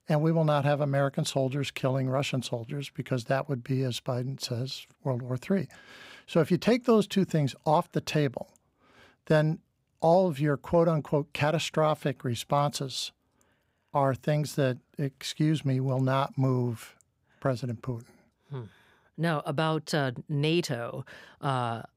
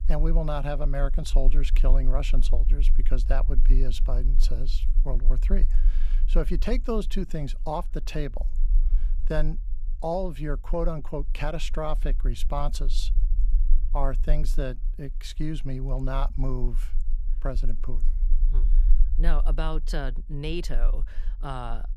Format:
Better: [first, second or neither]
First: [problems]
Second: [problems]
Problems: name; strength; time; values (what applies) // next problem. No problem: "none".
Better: first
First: none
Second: low rumble; faint; throughout; 20 dB below the speech